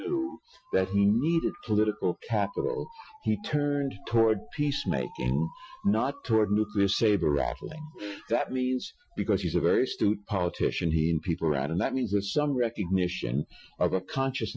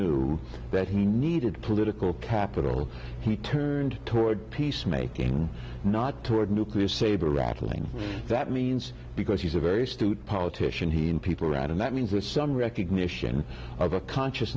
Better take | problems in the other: second | noise reduction (classical method Wiener filter)

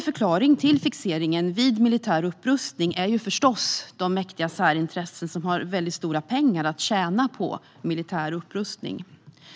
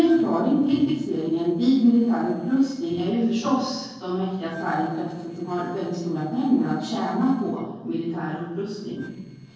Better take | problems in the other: first | noise reduction (neural separator model SepFormer DNS4)

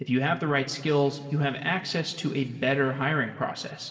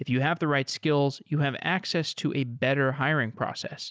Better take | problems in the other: second | room echo; dies away in 2.1 s

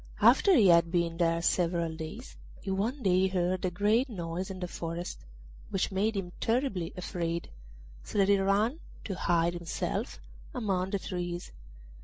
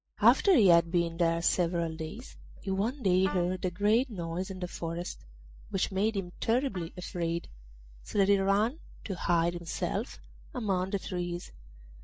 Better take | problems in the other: first | noise reduction (neural mask model DeepFilterNet 3)

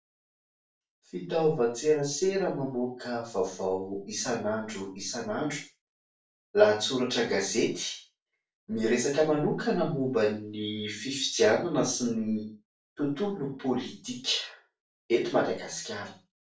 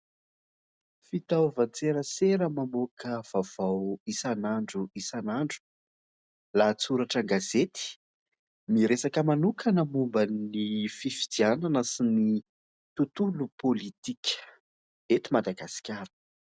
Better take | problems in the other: second | room echo; dies away in 0.3 s

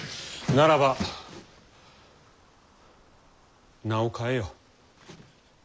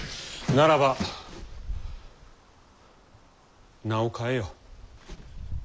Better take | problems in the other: first | background sound (Wind); 12 dB below the speech

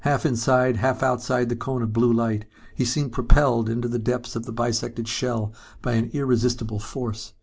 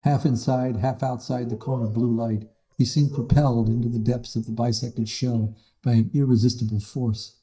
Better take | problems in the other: first | noise reduction (neural mask model DeepFilterNet 3)

